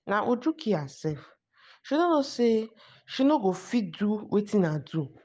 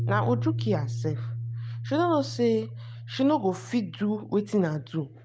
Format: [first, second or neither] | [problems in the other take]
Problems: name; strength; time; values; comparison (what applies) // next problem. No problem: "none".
first | background sound (Piano); 6 dB below the speech